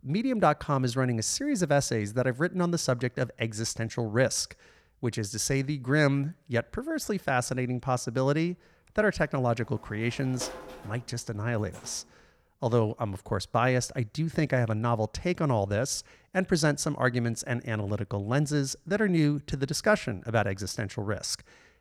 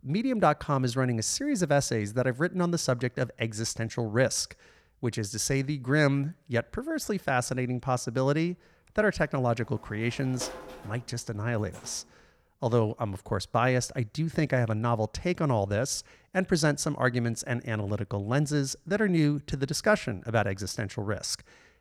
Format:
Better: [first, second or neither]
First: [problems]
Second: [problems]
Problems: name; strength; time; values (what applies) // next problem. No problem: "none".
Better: neither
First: door banging; faint; from 9.5 to 12 s; peak 10 dB below the speech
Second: door banging; faint; from 9.5 to 12 s; peak 10 dB below the speech